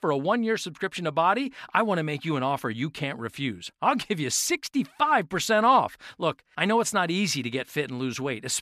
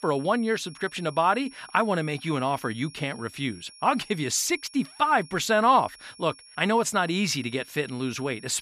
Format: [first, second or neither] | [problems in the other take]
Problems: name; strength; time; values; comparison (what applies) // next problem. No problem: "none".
first | high-pitched whine; faint; throughout; 5.5 kHz, 20 dB below the speech